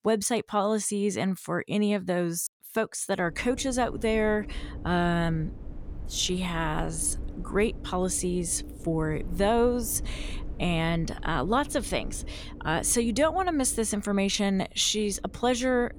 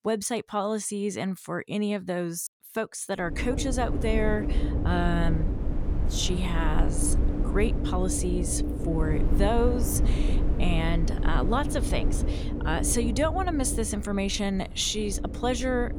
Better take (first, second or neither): first